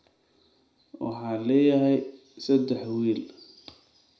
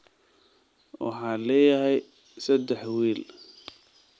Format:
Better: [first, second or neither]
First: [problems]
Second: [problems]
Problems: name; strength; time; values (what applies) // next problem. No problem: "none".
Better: second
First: room echo; dies away in 0.5 s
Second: none